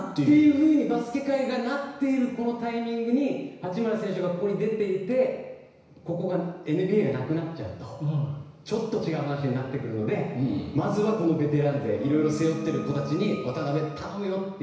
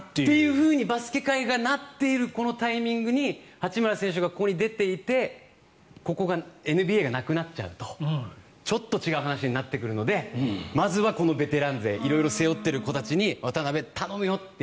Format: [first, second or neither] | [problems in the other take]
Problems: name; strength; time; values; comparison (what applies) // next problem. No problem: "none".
second | background sound (Wind instrument, woodwind instrument); 20 dB below the speech // room echo; dies away in 1 s